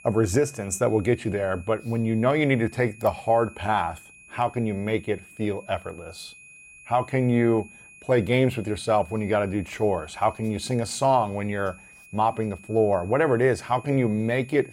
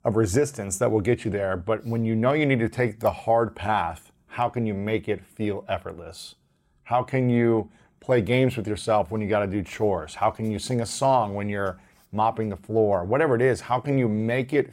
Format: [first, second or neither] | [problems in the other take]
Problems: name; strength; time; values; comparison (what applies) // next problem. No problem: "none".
second | high-pitched whine; faint; throughout; 2.5 kHz, 20 dB below the speech